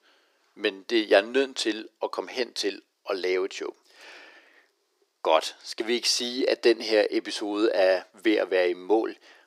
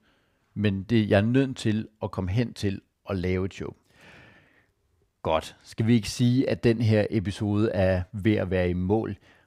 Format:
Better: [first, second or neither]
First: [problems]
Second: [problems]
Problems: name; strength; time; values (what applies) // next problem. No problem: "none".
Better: second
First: thin; very; fading below 350 Hz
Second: none